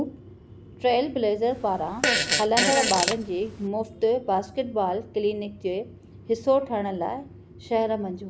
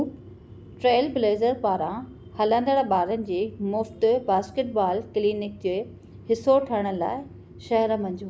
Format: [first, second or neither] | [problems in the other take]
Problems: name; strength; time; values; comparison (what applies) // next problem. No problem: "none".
second | background sound (Fart); as loud as the speech